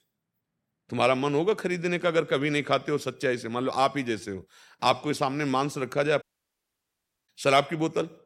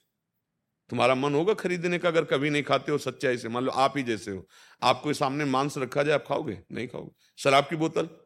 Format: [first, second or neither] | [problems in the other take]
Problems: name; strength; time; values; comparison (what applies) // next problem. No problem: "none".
second | audio cutting out; at 6 s for 1 s